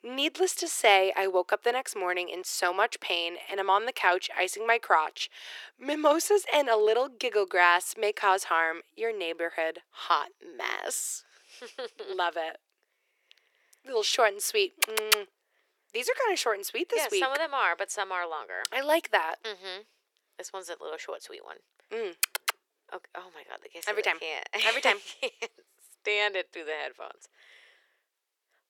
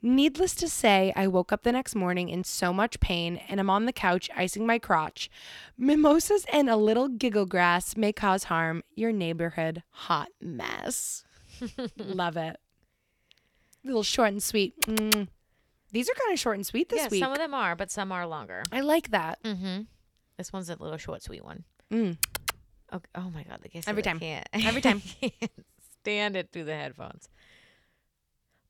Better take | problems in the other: second | thin; very; fading below 400 Hz

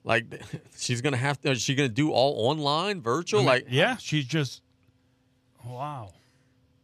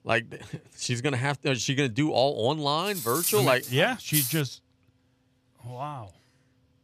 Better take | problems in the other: first | clattering dishes; noticeable; from 3 to 4.5 s; peak level with the speech

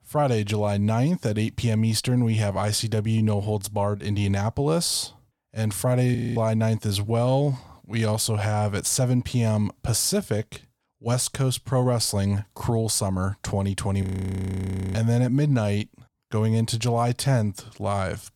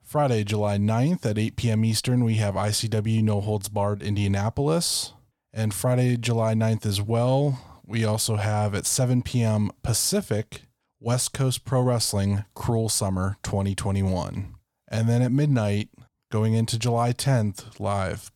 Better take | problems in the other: second | audio freezing; at 6 s and at 14 s for 1 s

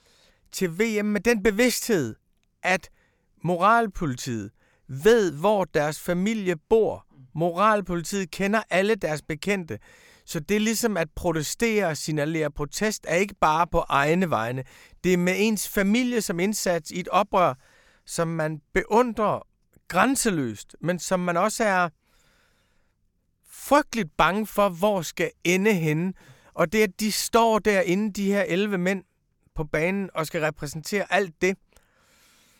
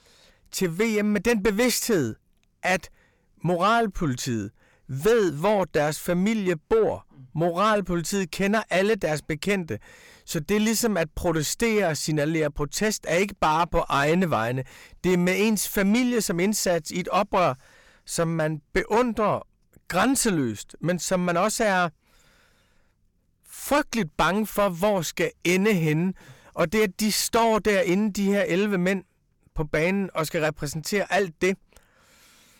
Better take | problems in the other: first | distortion; slight; 10 dB below the speech

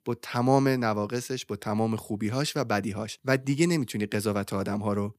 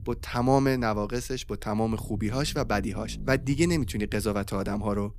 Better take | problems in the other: first | low rumble; faint; throughout; 25 dB below the speech

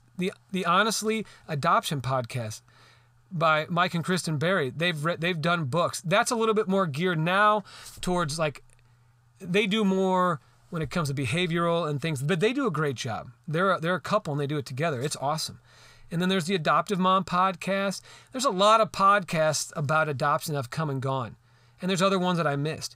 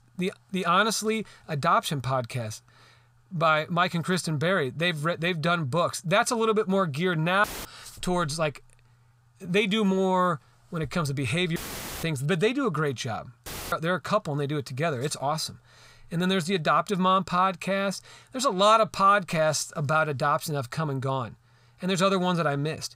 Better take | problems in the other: first | audio cutting out; filled with static; at 7.5 s, at 12 s and at 13 s

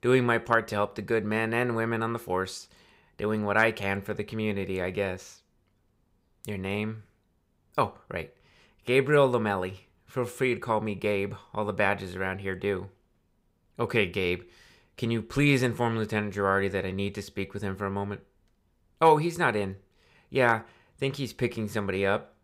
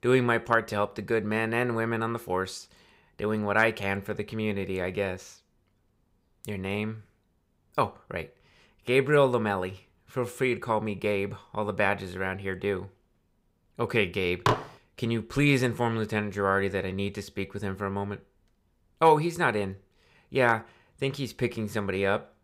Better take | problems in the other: first | clattering dishes; loud; at 14 s; peak 1 dB above the speech

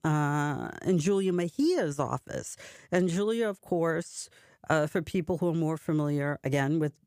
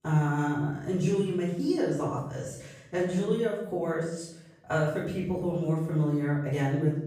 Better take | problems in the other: first | off-mic speech; far // room echo; noticeable; dies away in 0.8 s

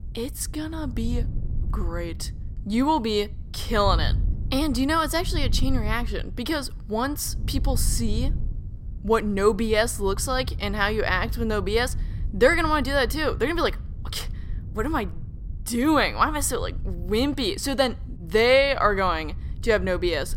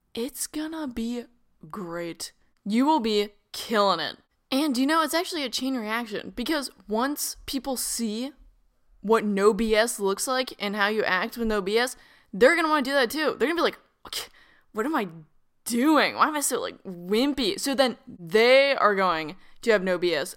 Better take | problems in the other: second | wind noise on the microphone; occasional gusts; 25 dB below the speech

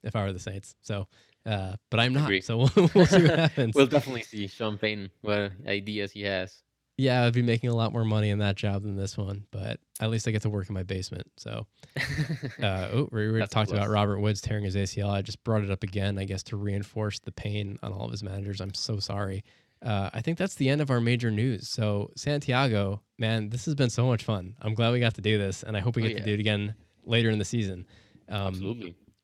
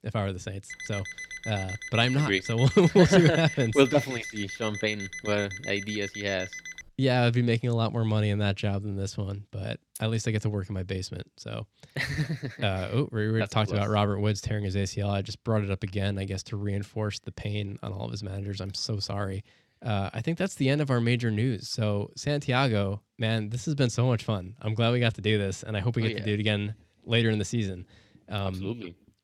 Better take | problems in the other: first | alarm; noticeable; from 0.5 to 7 s; peak 9 dB below the speech

